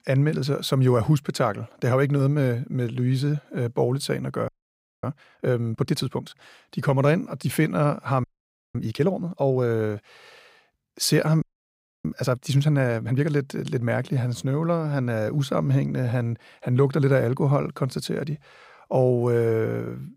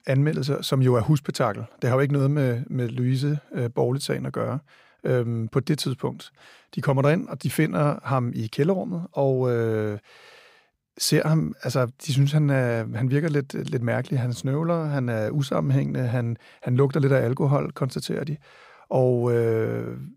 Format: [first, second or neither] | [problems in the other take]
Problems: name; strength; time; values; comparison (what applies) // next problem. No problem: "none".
second | audio freezing; at 4.5 s for 0.5 s, at 8 s for 0.5 s and at 11 s for 0.5 s